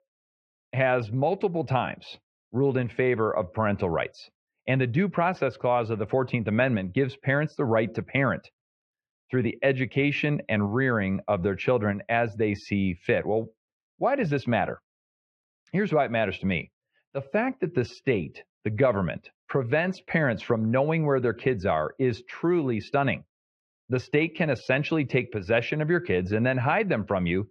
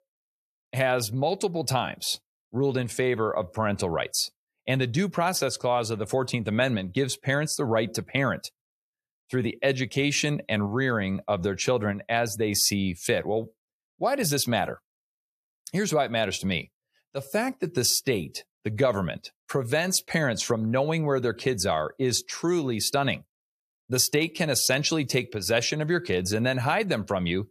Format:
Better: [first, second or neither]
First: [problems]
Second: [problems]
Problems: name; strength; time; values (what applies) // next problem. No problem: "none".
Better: second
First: muffled; very; fading above 2.5 kHz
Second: none